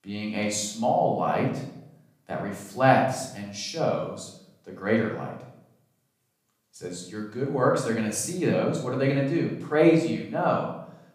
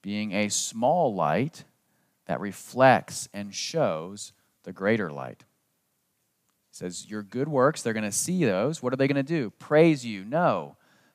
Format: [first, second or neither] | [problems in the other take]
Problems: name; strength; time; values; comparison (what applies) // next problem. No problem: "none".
second | room echo; noticeable; dies away in 0.6 s // off-mic speech; far